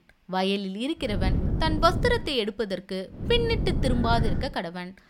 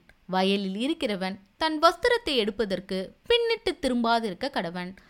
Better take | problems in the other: second | wind noise on the microphone; occasional gusts; from 1 to 2 s and from 3.5 to 4.5 s; 10 dB below the speech

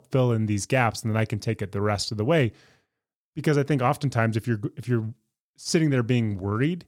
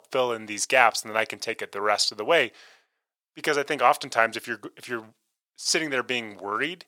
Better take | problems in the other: first | thin; very; fading below 700 Hz

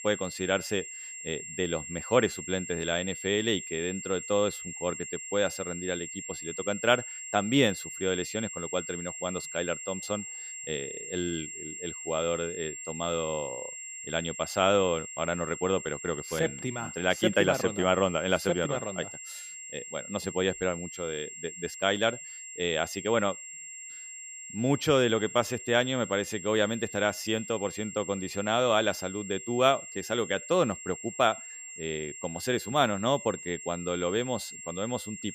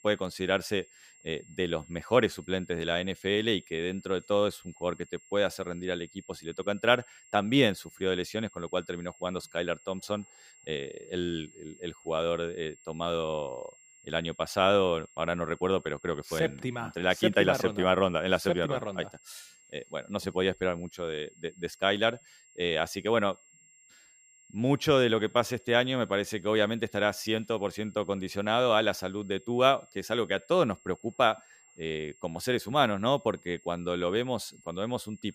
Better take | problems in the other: second | high-pitched whine; loud; throughout; 7.5 kHz, 9 dB below the speech; faint in the second

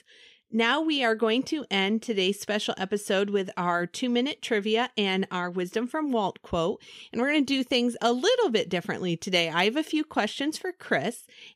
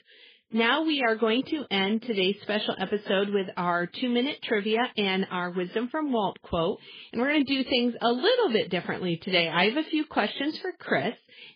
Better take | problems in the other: first | garbled, watery; badly; nothing above 5 kHz

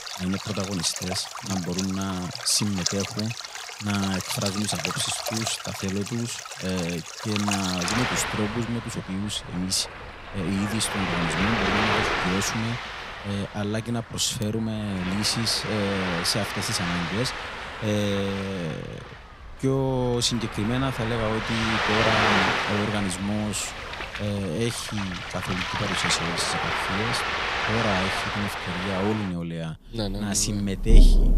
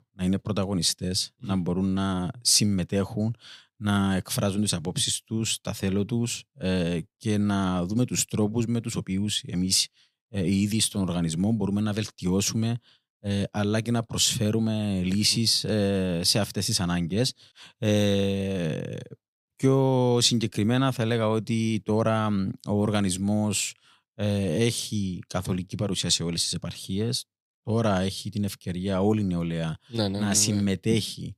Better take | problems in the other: second | rain or running water; loud; throughout; as loud as the speech

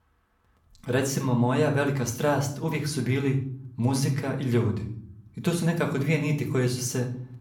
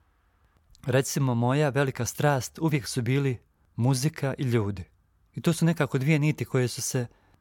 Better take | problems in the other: second | room echo; slight; dies away in 0.5 s // off-mic speech; somewhat distant

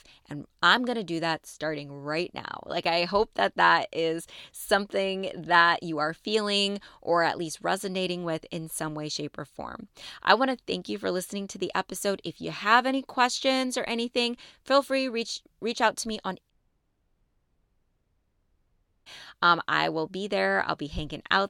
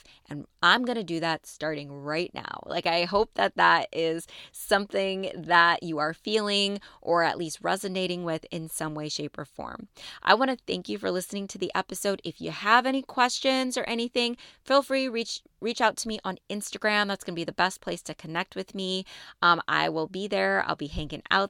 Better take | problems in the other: second | audio cutting out; at 17 s for 2.5 s

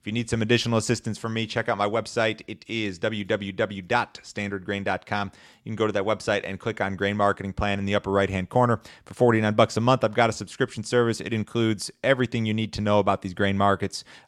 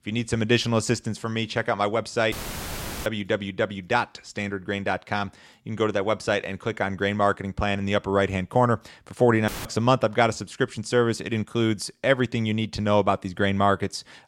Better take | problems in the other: first | audio cutting out; filled with static; at 2.5 s for 0.5 s and at 9.5 s

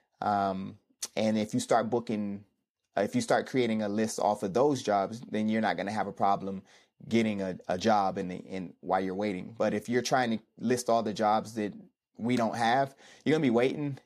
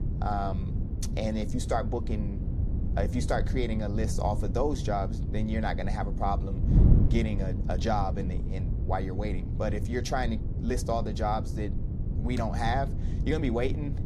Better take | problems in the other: first | wind noise on the microphone; occasional gusts; 10 dB below the speech

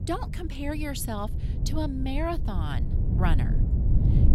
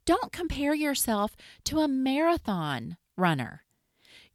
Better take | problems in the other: second | wind noise on the microphone; heavy; 8 dB below the speech

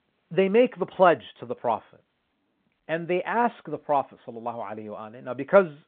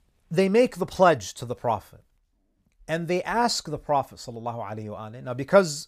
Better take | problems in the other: second | phone-call audio

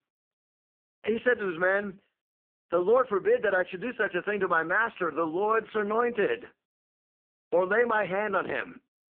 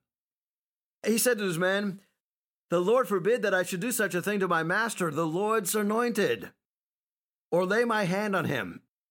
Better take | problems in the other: second | phone-call audio; poor line

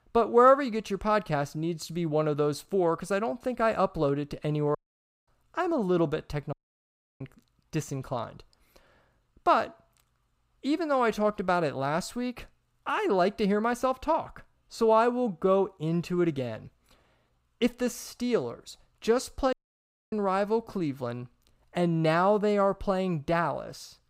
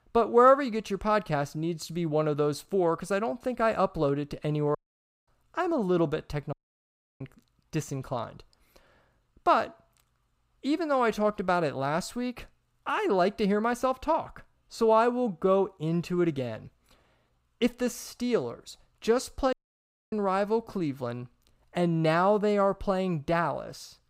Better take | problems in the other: neither | audio cutting out; at 5 s for 0.5 s, at 6.5 s for 0.5 s and at 20 s for 0.5 s; the same in both

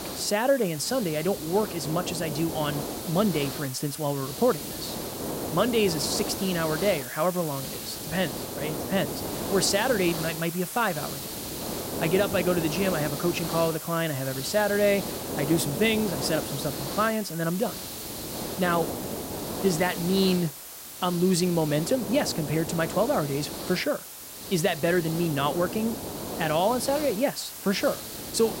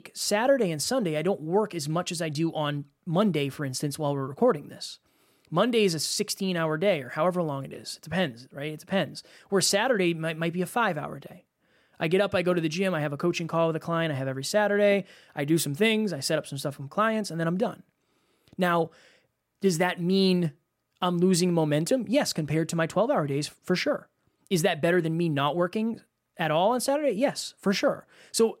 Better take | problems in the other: second | hiss; loud; throughout; 6 dB below the speech

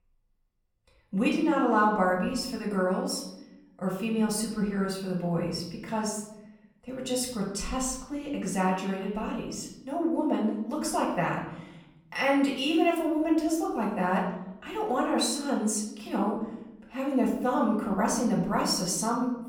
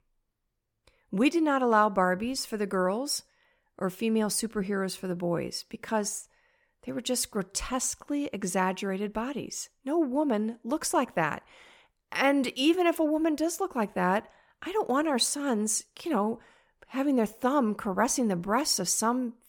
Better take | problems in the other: second | off-mic speech; far // room echo; noticeable; dies away in 1 s

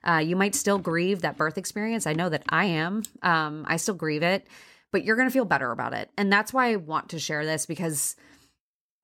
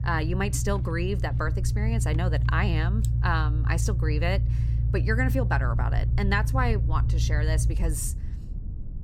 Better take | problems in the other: first | low rumble; noticeable; throughout; 10 dB below the speech

